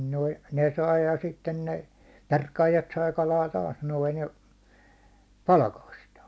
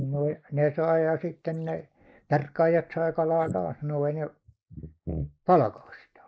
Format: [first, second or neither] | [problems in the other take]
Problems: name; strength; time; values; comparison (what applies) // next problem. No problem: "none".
first | noise reduction (neural mask model Resemble Enhance denoiser)